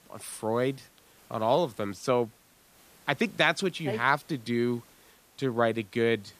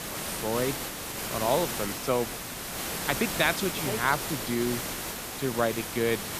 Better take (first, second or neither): first